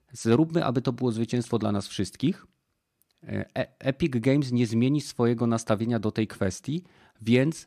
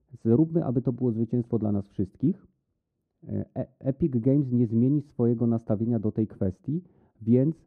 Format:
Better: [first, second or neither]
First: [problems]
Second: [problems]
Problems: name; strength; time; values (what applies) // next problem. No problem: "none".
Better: first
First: none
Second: muffled; very; fading above 1 kHz